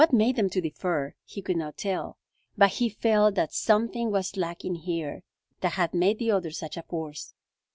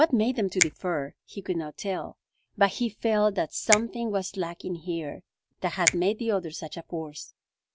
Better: first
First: none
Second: background sound (Finger snapping); 6 dB below the speech

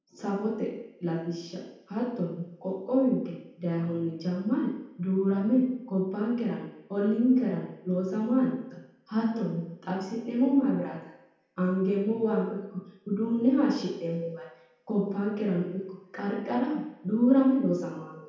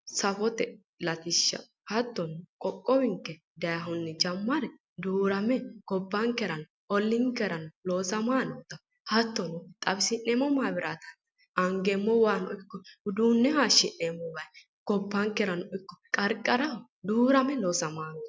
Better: second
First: room echo; dies away in 0.8 s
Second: none

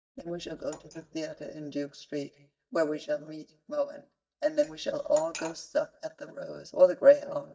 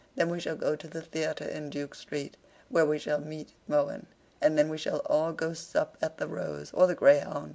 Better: second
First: noise reduction (neural mask model DeepFilterNet 3)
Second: none

